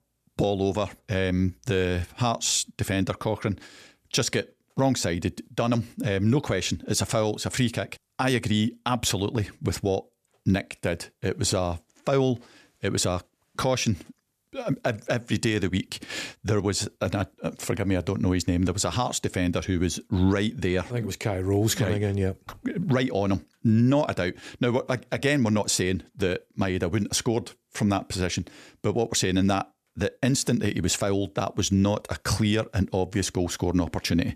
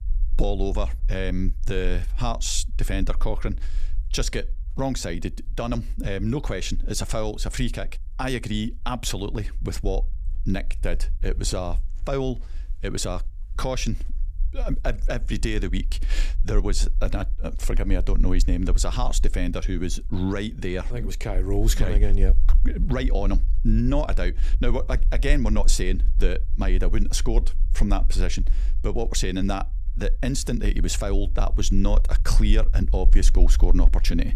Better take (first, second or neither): first